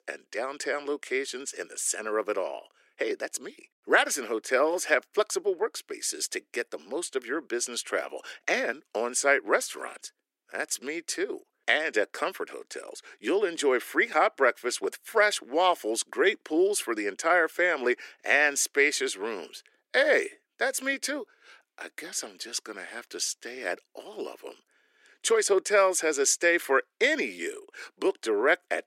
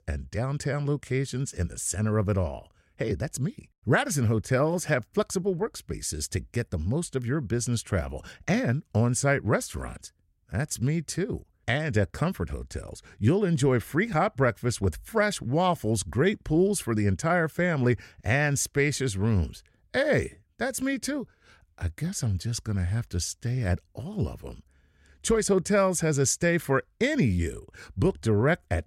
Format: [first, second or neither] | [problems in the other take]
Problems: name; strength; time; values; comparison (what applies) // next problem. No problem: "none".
second | thin; very; fading below 300 Hz